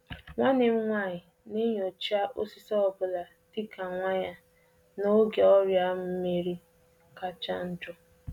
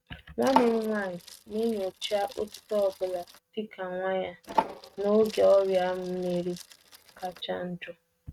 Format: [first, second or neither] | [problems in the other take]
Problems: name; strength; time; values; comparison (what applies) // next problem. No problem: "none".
first | noise reduction (neural mask model RNNoise)